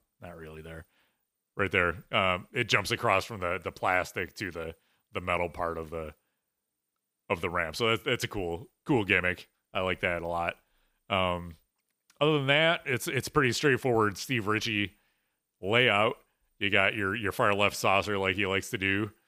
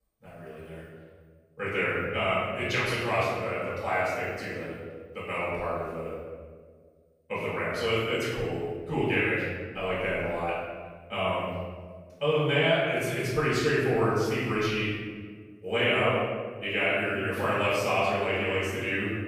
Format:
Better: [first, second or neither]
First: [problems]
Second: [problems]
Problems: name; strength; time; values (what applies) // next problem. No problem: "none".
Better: first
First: none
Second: off-mic speech; far // room echo; strong; dies away in 1.4 s